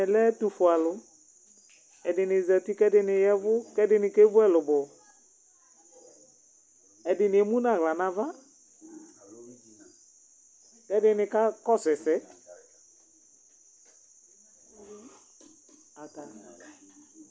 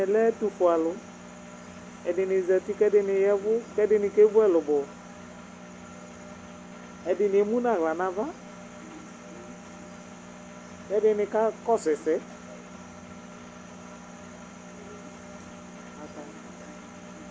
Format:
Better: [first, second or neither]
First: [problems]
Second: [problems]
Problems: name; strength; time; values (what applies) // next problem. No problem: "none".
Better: first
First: none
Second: background sound (Engine); 16 dB below the speech